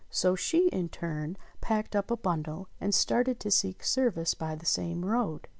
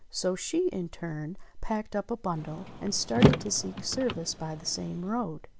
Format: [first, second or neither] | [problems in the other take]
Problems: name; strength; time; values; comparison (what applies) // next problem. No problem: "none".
first | background sound (Car); 2 dB above the speech